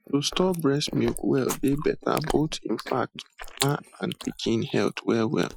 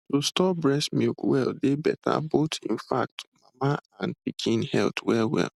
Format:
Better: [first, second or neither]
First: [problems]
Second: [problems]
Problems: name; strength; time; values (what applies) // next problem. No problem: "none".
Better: second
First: noise reduction (classical method Wiener filter)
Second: none